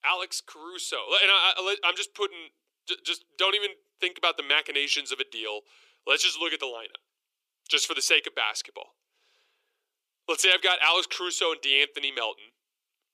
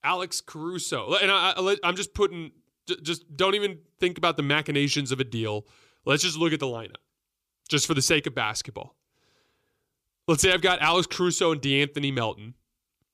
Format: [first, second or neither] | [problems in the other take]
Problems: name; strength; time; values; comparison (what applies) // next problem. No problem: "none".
second | thin; very; fading below 400 Hz